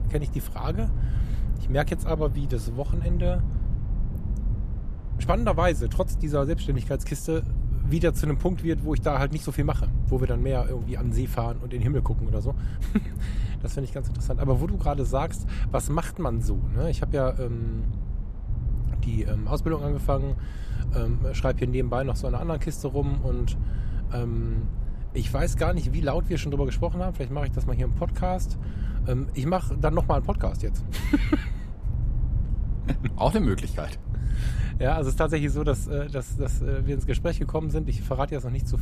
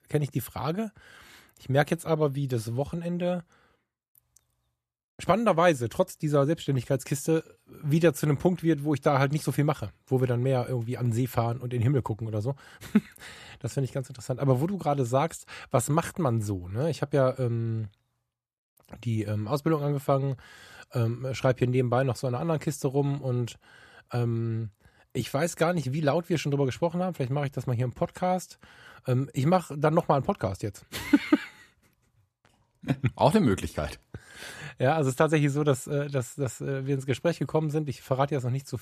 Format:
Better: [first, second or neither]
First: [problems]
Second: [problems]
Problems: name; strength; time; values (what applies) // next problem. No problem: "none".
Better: second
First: low rumble; noticeable; throughout; 15 dB below the speech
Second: none